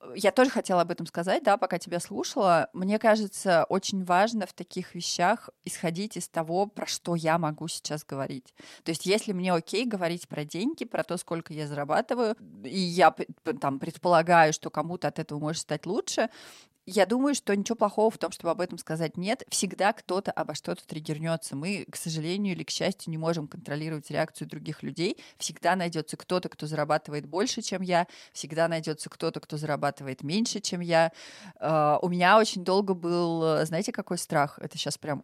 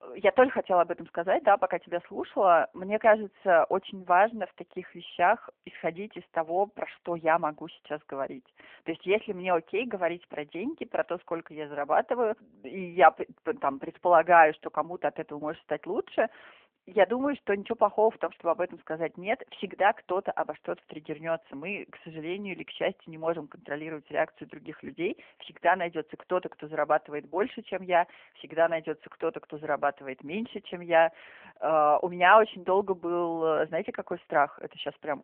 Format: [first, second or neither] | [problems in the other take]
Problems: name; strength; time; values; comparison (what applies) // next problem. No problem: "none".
first | phone-call audio; nothing above 3 kHz